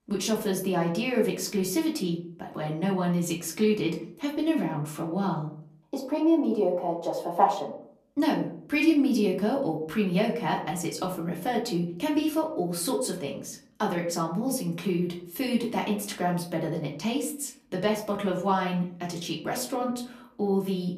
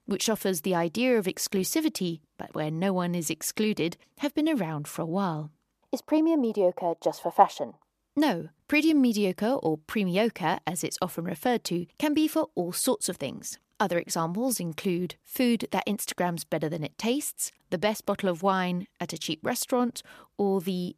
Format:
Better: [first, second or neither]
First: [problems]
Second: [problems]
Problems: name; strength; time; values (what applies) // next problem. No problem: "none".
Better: second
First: off-mic speech; far // room echo; very slight; dies away in 0.4 s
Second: none